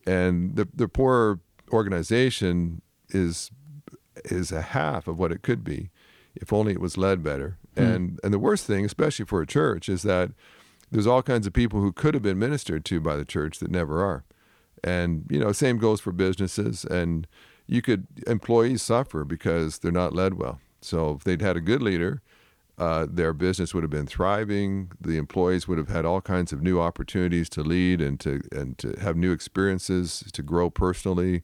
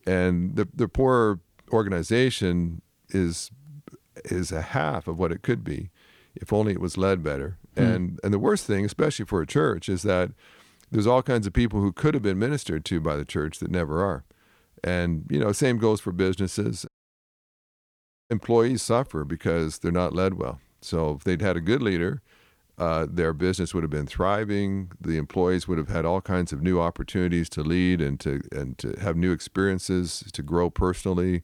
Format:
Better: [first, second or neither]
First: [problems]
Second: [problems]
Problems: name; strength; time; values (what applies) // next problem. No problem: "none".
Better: first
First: none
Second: audio cutting out; at 17 s for 1.5 s